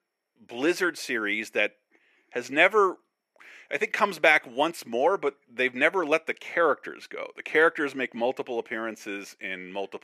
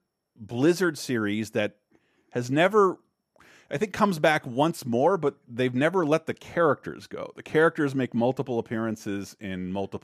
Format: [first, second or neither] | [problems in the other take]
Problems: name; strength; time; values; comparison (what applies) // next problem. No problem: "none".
second | thin; somewhat; fading below 400 Hz